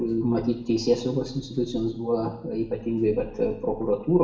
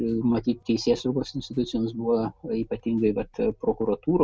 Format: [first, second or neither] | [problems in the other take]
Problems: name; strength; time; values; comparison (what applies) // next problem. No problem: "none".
second | room echo; dies away in 0.7 s